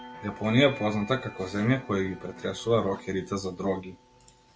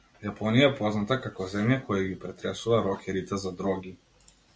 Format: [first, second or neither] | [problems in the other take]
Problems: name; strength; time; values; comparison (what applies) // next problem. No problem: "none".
second | background sound (Electric guitar + Bell / Doorbell); 18 dB below the speech